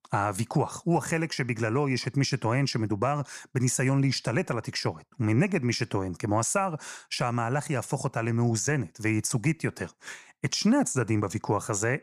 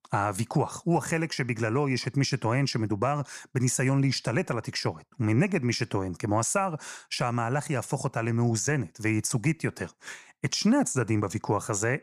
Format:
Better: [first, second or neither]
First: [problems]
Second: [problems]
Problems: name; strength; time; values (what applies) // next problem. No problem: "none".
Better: neither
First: none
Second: none